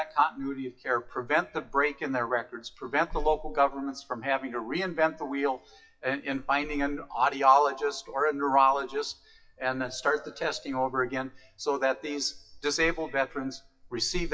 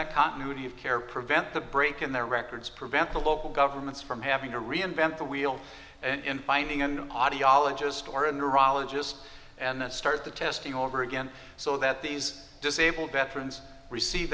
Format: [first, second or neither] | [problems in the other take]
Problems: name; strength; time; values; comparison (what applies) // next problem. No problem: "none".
second | noise reduction (classical method WPE with log-MMSE)